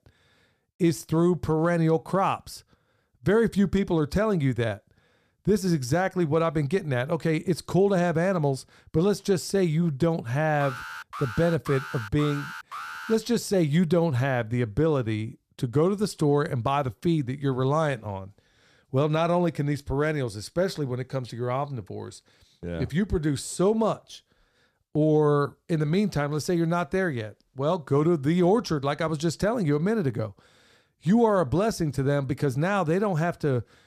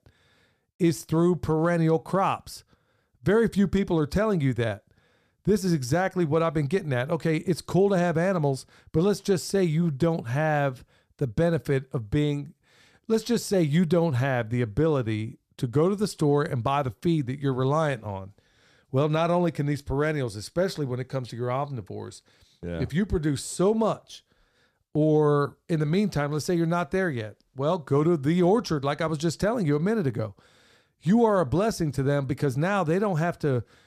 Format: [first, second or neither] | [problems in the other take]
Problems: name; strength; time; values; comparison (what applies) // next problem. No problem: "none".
second | alarm; faint; from 11 to 13 s; peak 10 dB below the speech